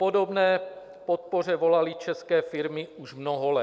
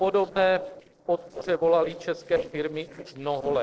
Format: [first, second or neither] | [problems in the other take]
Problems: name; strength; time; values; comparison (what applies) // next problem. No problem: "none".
first | noise reduction (neural separator model SepFormer DNS4)